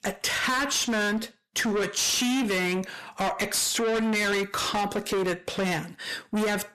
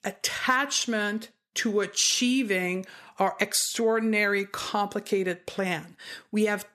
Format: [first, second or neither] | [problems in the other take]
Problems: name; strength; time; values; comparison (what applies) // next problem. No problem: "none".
second | distortion; heavy; 5 dB below the speech